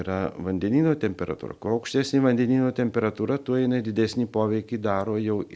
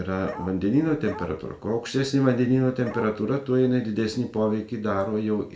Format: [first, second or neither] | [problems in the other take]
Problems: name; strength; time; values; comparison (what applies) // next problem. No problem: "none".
first | background sound (Bark); 15 dB below the speech // room echo; dies away in 0.3 s